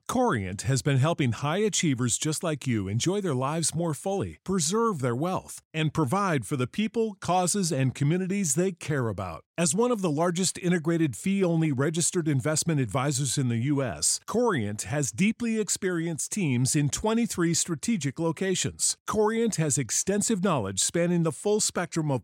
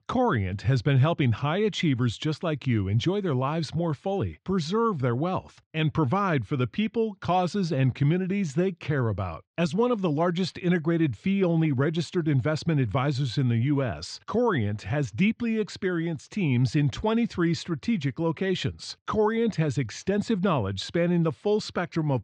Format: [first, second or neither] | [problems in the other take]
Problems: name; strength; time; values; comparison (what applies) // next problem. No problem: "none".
first | muffled; slightly; fading above 4 kHz